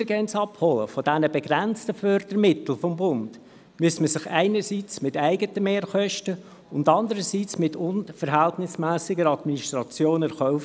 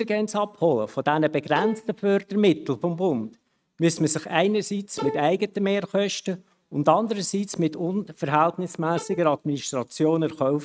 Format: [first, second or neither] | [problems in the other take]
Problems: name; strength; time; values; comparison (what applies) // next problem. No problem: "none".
first | noise reduction (neural mask model RNNoise)